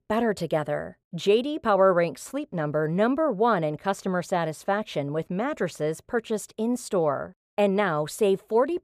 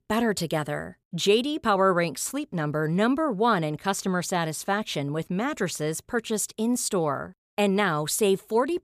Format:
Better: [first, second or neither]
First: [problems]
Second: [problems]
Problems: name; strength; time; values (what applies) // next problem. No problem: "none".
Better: second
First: muffled; slightly; fading above 3.5 kHz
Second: none